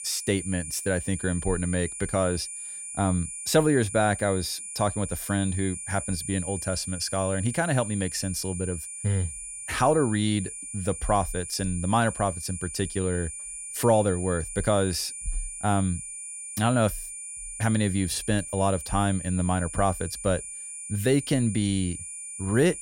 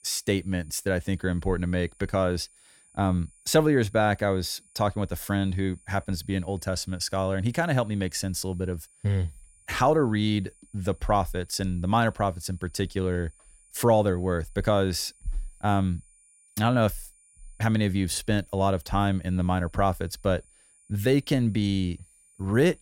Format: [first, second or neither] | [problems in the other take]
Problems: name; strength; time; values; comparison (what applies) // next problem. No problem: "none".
second | high-pitched whine; loud; throughout; 9.5 kHz, 8 dB below the speech; faint in the second